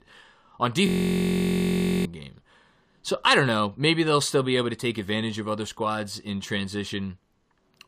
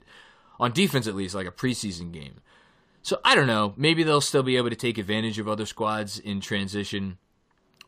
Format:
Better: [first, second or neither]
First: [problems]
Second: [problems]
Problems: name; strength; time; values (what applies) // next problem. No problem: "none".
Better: second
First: audio freezing; at 1 s for 1 s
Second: none